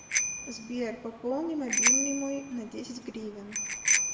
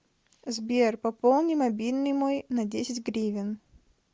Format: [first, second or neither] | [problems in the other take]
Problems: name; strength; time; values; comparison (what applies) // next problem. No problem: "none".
second | background sound (Bicycle bell); 4 dB above the speech // room echo; dies away in 0.7 s